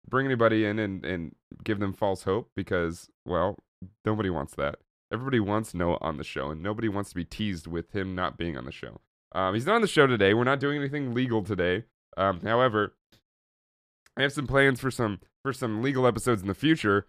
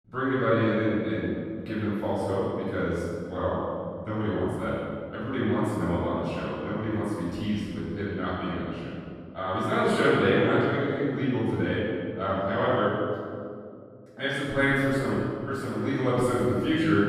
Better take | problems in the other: first | off-mic speech; far // room echo; strong; dies away in 2.1 s

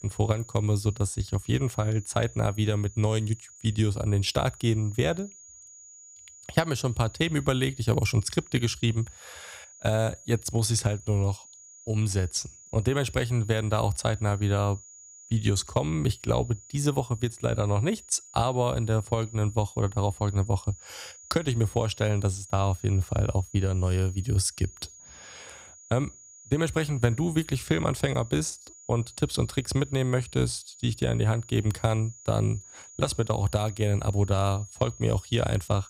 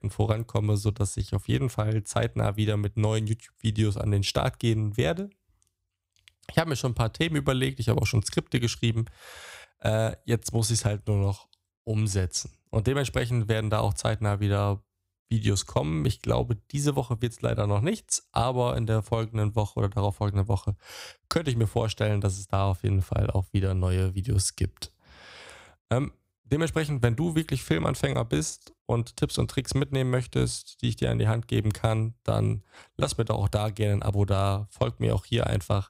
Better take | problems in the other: second | high-pitched whine; noticeable; throughout; 7 kHz, 20 dB below the speech

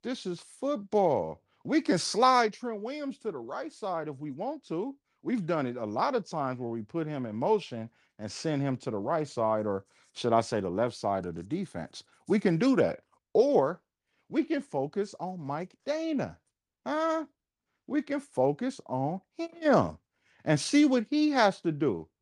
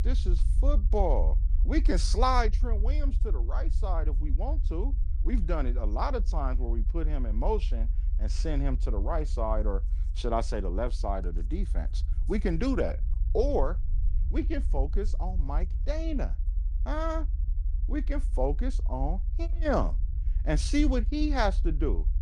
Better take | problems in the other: first | low rumble; noticeable; throughout; 20 dB below the speech

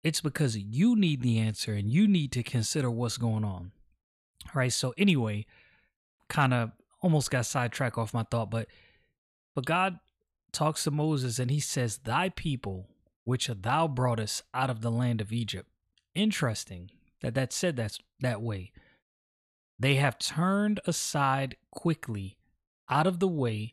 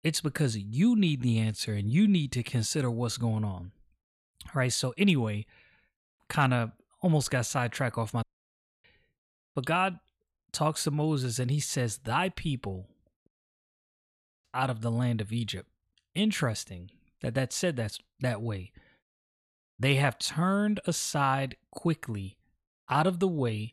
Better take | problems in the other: first | audio cutting out; at 8 s for 0.5 s and at 13 s for 1 s

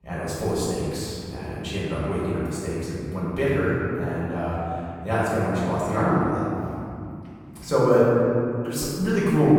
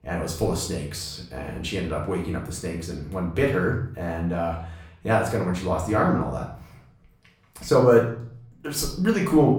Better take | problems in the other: second | room echo; strong; dies away in 2.6 s; slight in the second // off-mic speech; far; far in the second

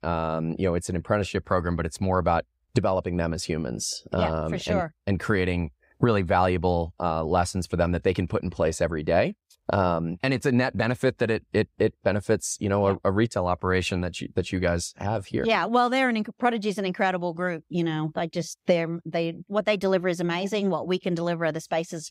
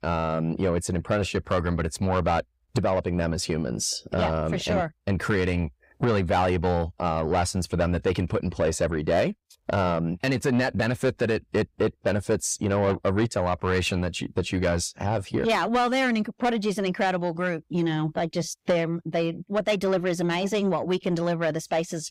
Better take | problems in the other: first | distortion; slight; 10 dB below the speech

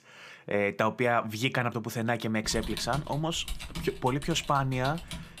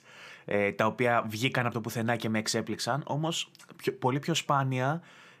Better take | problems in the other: second | keyboard typing; noticeable; from 2.5 s on; peak 8 dB below the speech

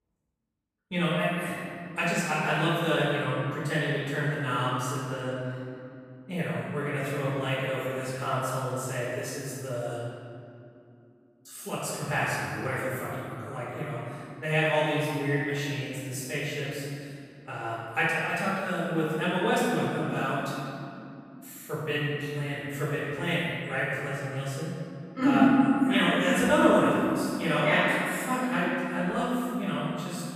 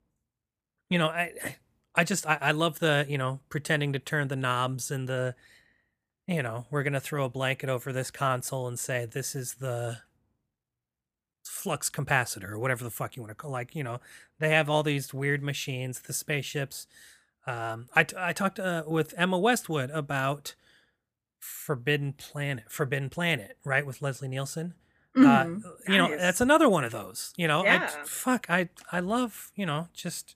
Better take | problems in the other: second | room echo; strong; dies away in 2.5 s // off-mic speech; far

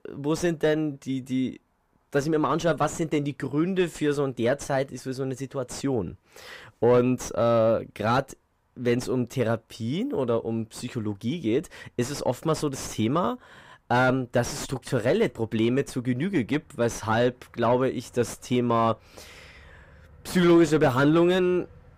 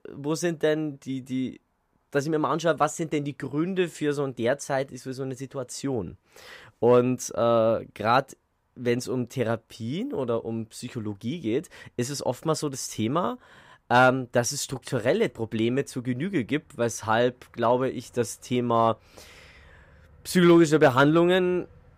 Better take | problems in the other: second | distortion; slight; 9 dB below the speech

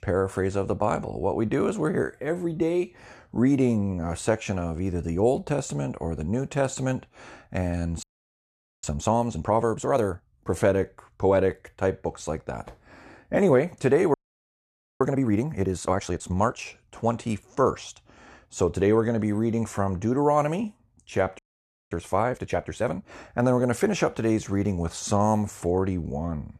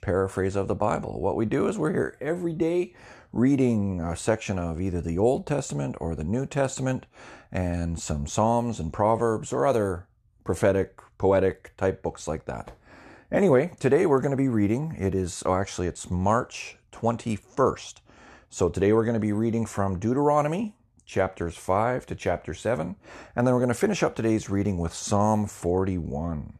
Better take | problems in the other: second | audio freezing; at 8 s for 1 s, at 14 s for 1 s and at 21 s for 0.5 s

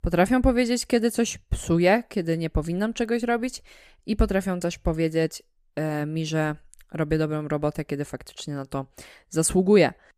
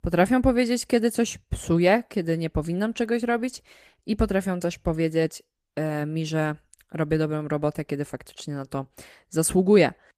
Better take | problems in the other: first | garbled, watery; slightly; nothing above 14.5 kHz

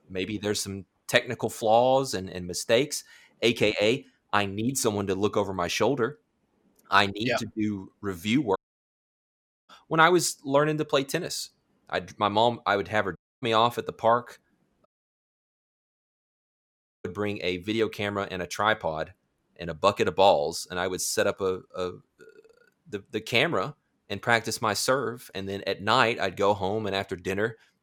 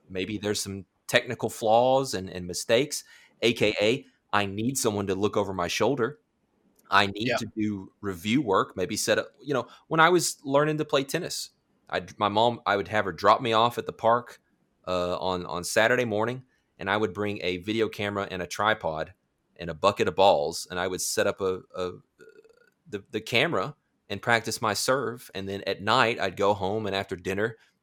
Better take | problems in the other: second | audio cutting out; at 8.5 s for 1 s, at 13 s and at 15 s for 2 s

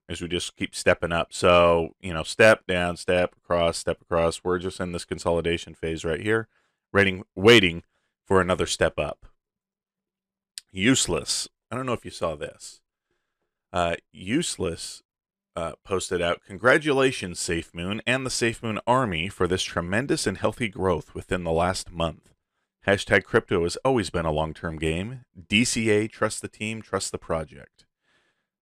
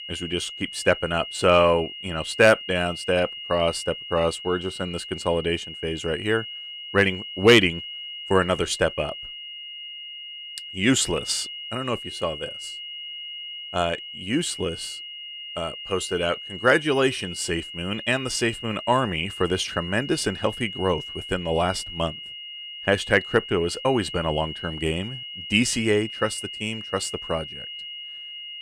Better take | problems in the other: first | high-pitched whine; loud; throughout; 3 kHz, 10 dB below the speech

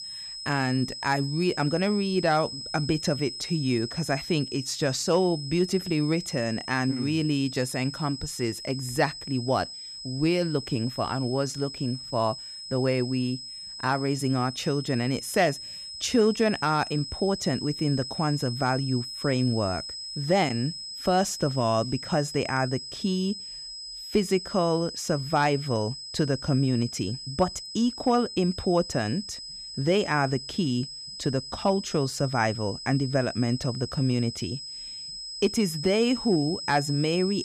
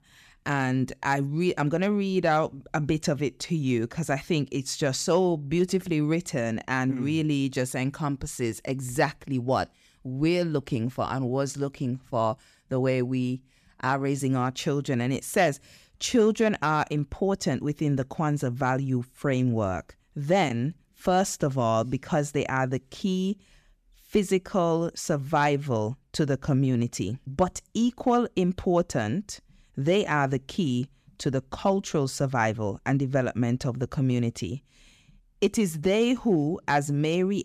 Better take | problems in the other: second | high-pitched whine; loud; throughout; 5 kHz, 9 dB below the speech

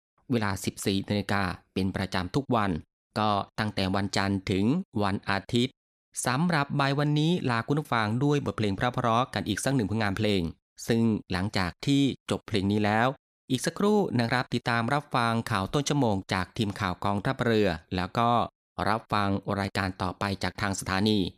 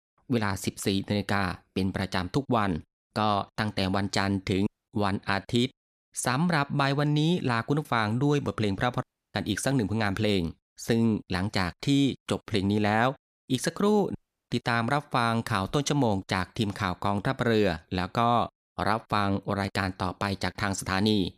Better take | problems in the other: first | audio cutting out; at 4.5 s, at 9 s and at 14 s

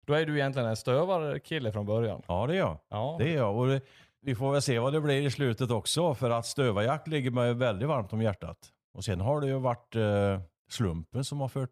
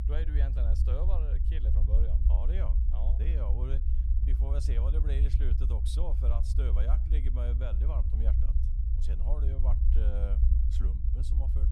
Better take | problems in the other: first | low rumble; loud; throughout; 3 dB below the speech

